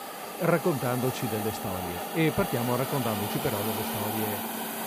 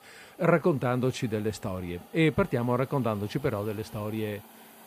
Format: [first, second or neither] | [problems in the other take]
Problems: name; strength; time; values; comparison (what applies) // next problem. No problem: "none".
second | hiss; loud; throughout; 2 dB below the speech; faint in the second